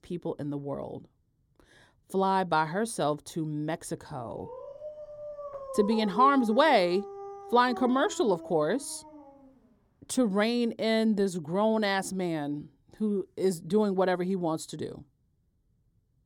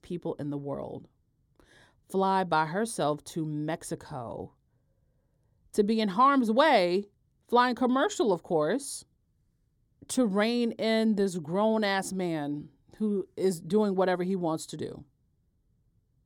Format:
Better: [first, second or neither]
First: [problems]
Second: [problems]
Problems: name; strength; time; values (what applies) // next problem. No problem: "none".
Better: second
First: dog barking; noticeable; from 4 to 9 s; peak 7 dB below the speech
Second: none